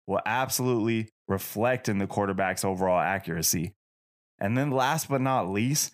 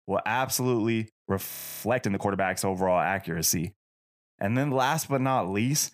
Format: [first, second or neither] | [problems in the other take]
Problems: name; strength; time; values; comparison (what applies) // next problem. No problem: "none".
first | audio freezing; at 1.5 s